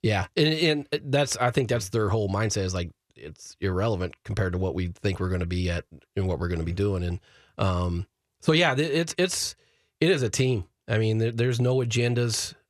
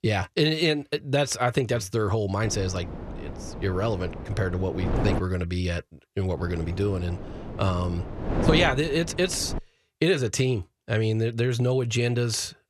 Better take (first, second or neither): first